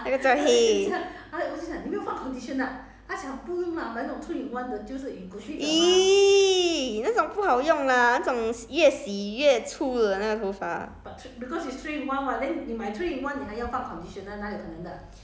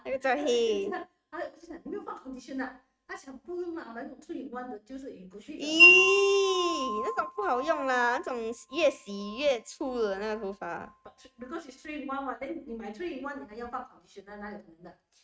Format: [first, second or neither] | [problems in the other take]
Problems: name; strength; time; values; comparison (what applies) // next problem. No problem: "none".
first | noise reduction (neural mask model RNNoise)